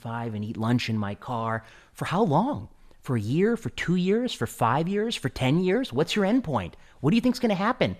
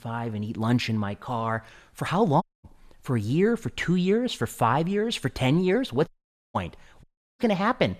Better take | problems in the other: first | audio cutting out; at 2.5 s, at 6 s and at 7 s

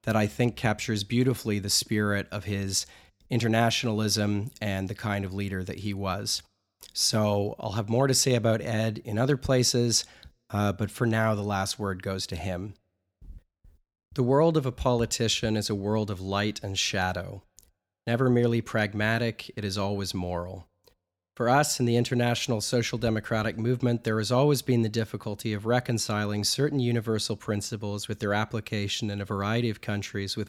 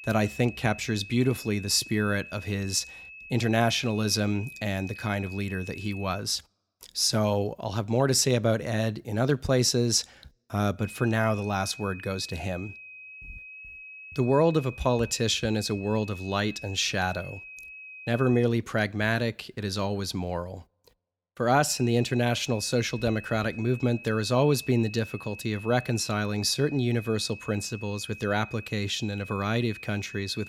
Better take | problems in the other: first | high-pitched whine; noticeable; until 6 s, from 11 to 18 s and from 22 s on; 2.5 kHz, 15 dB below the speech

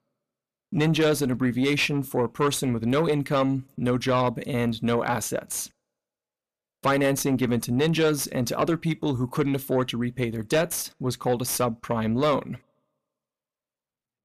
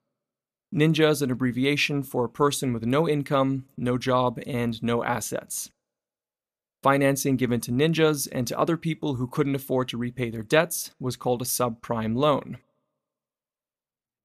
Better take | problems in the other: second | distortion; slight; 10 dB below the speech

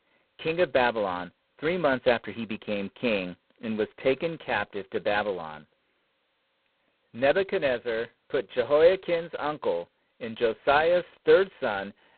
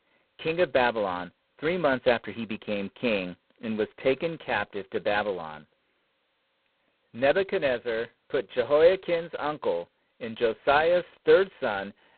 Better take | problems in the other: neither | phone-call audio; poor line; nothing above 4 kHz; the same in both

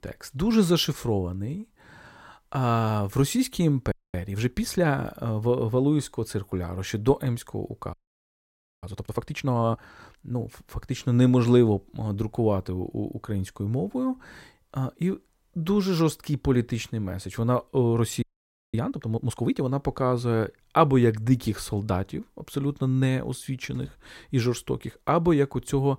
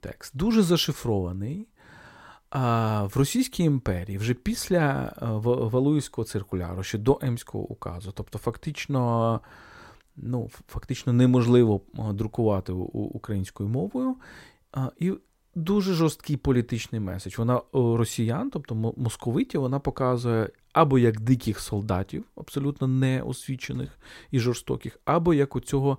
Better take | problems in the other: second | audio freezing; at 4 s, at 8 s for 1 s and at 18 s for 0.5 s

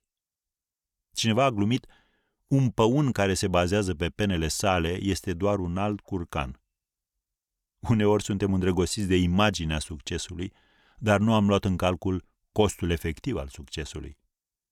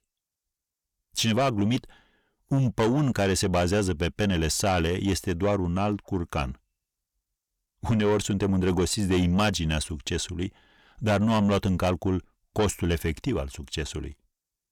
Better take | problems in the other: first | distortion; slight; 10 dB below the speech

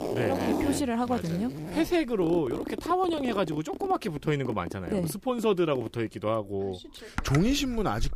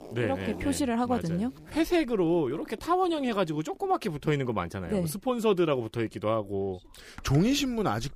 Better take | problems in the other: second | household noises; loud; throughout; 8 dB below the speech; faint in the second

